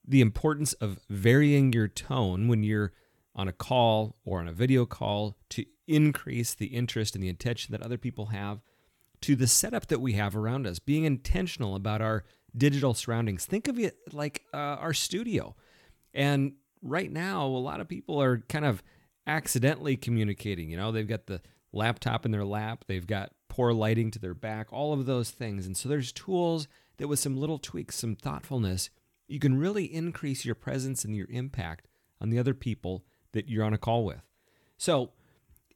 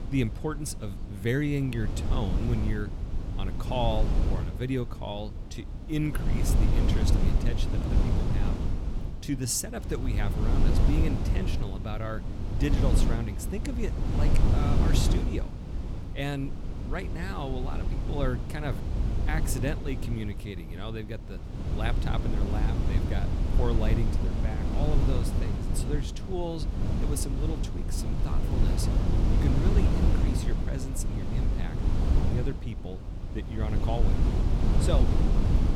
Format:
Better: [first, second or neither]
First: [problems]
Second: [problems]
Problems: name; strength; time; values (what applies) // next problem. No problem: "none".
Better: first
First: none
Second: wind noise on the microphone; heavy; 2 dB below the speech